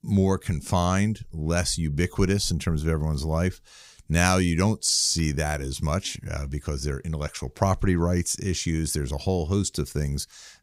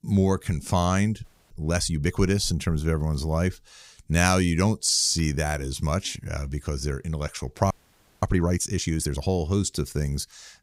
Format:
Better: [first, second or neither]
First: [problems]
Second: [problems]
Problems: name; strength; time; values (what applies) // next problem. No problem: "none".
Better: first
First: none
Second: audio freezing; at 1 s and at 7.5 s for 0.5 s